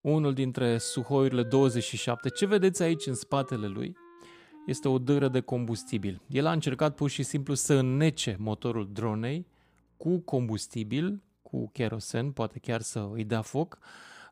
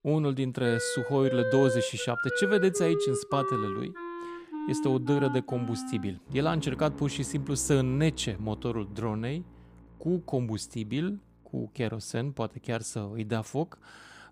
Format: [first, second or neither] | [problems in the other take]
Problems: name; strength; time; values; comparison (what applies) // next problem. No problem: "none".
first | background music; loud; throughout; 4 dB below the speech; faint in the first